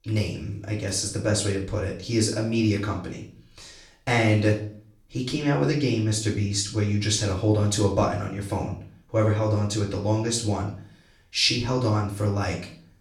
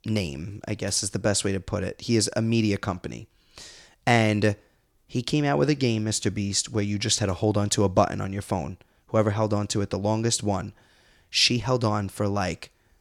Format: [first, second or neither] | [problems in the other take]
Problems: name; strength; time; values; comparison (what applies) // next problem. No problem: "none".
second | off-mic speech; far // room echo; slight; dies away in 0.4 s